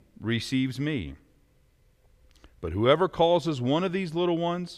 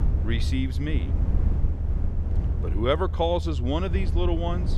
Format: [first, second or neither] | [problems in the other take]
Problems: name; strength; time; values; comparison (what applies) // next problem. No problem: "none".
first | low rumble; noticeable; throughout; 15 dB below the speech